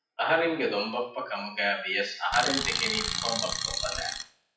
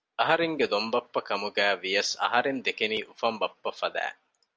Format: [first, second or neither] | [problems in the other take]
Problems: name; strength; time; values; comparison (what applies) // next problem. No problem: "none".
second | noise reduction (classical method WPE with log-MMSE)